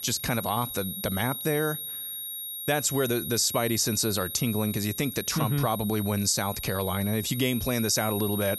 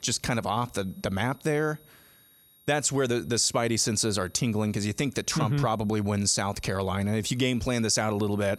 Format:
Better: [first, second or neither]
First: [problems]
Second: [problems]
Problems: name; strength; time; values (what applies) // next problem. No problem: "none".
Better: second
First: high-pitched whine; loud; throughout; 11.5 kHz, 7 dB below the speech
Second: high-pitched whine; faint; throughout; 11.5 kHz, 30 dB below the speech